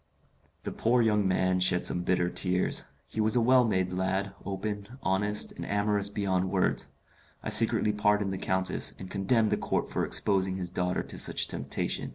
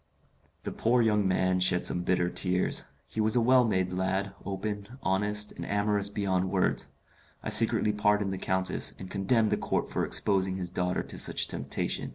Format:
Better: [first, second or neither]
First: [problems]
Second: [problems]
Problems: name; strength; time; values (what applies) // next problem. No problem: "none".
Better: second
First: background sound (Organ); 15 dB below the speech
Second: none